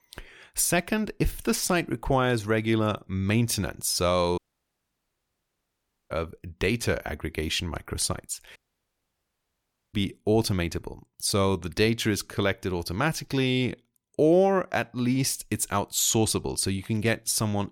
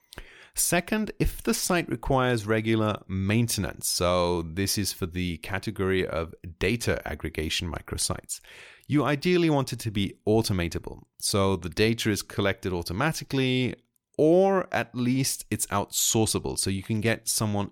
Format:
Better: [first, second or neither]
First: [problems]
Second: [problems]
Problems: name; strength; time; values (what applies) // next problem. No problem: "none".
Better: second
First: audio cutting out; at 4.5 s for 1.5 s and at 8.5 s for 1.5 s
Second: none